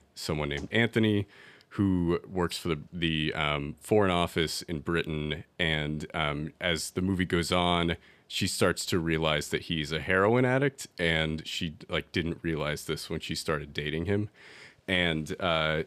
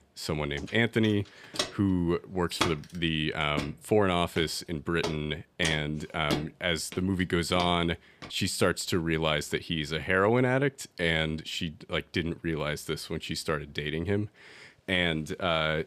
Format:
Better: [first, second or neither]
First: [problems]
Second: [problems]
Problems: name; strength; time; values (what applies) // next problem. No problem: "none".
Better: first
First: none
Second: footsteps; noticeable; from 1.5 to 7.5 s; peak 2 dB below the speech